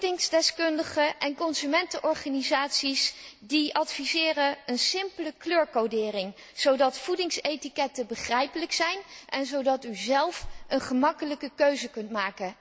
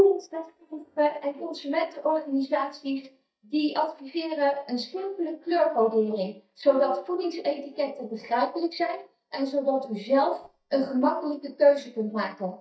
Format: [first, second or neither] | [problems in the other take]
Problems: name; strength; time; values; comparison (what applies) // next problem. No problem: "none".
first | noise reduction (neural mask model DeepFilterNet 3)